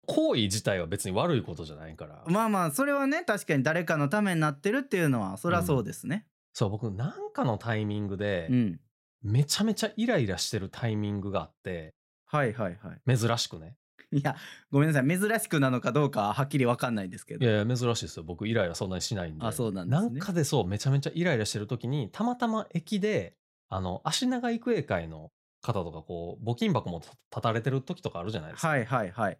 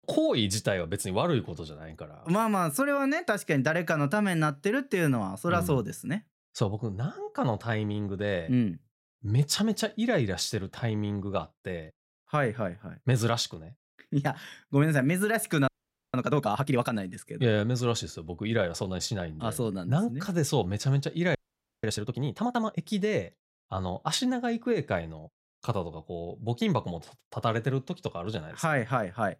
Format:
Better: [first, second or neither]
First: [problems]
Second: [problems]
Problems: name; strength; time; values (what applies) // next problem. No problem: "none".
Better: first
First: none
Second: audio freezing; at 16 s and at 21 s